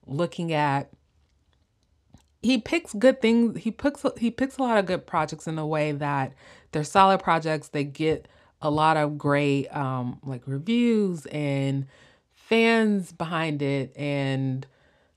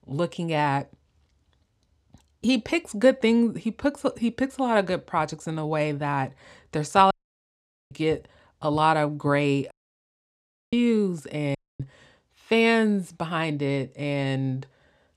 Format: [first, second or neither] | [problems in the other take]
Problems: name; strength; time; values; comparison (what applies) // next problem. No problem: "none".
first | audio cutting out; at 7 s for 1 s, at 9.5 s for 1 s and at 12 s